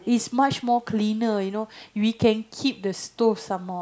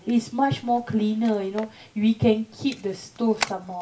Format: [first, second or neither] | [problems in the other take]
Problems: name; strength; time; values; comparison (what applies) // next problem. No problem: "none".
first | background sound (Camera); 15 dB below the speech // room echo; dies away in 0.2 s